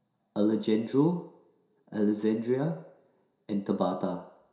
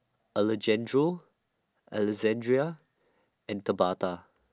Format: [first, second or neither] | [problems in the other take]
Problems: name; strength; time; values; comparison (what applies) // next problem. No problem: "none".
second | room echo; dies away in 0.7 s